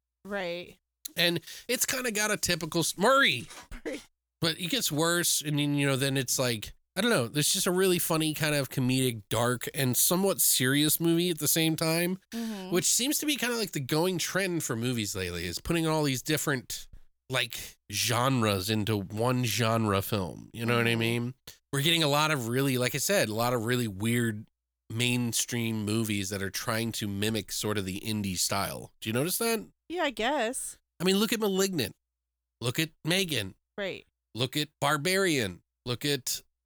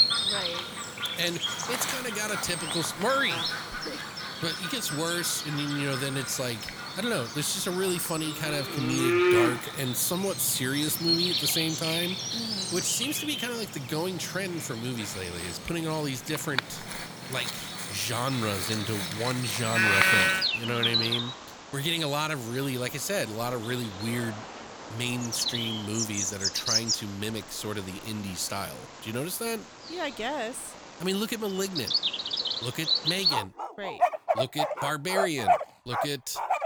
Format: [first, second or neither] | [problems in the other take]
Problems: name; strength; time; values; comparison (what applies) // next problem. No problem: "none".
first | animal sounds; very loud; throughout; 2 dB above the speech